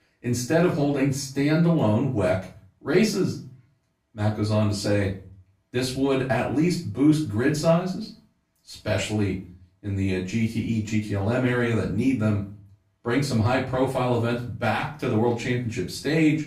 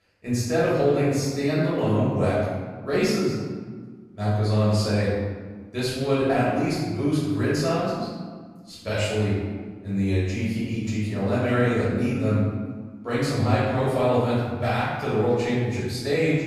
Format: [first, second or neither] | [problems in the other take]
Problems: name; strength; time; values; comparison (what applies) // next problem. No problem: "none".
first | room echo; strong; dies away in 1.4 s; slight in the first // off-mic speech; far; far in the first